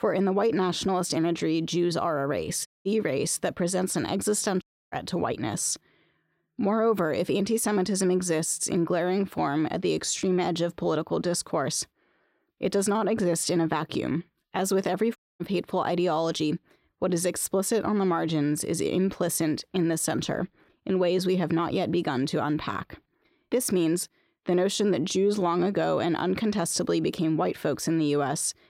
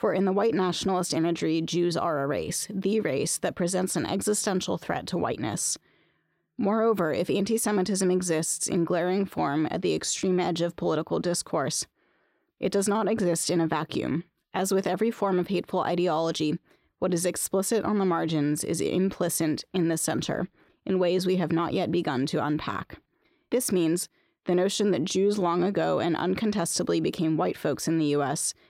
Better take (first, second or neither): second